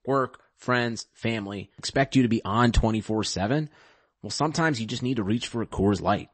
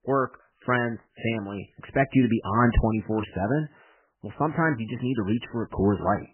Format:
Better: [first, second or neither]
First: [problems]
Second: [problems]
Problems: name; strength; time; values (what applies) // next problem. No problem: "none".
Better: first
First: garbled, watery; slightly; nothing above 8 kHz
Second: garbled, watery; badly; nothing above 3 kHz